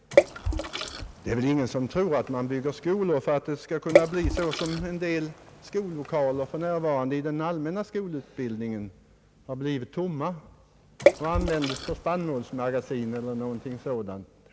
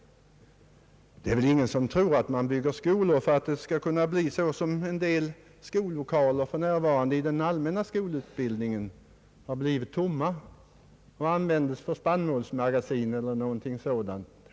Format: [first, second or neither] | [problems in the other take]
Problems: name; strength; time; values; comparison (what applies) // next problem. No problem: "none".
second | background sound (Water / Splash, splatter); as loud as the speech